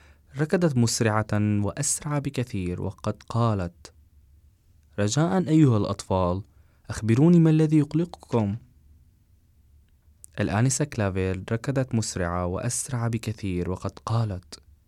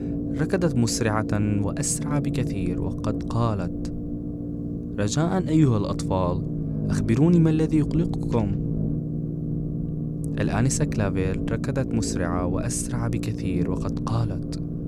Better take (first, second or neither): first